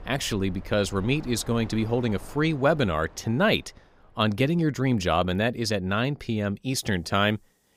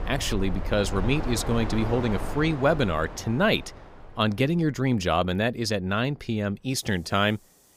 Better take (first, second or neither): first